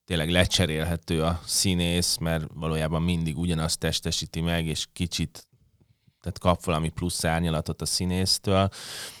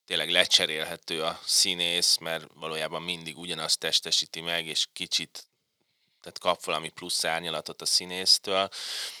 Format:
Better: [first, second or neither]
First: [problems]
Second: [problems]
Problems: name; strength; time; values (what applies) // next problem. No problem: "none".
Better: first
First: none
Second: thin; very; fading below 400 Hz